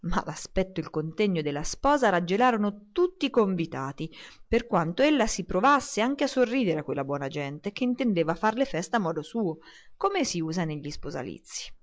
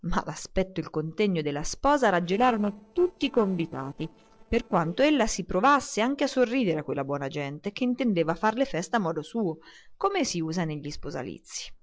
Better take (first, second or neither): first